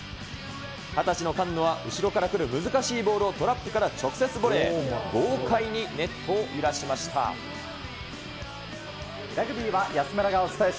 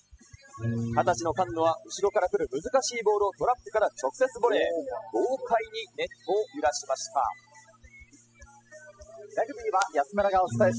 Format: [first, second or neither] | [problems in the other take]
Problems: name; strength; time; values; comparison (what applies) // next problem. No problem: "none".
first | noise reduction (classical method spectral subtraction)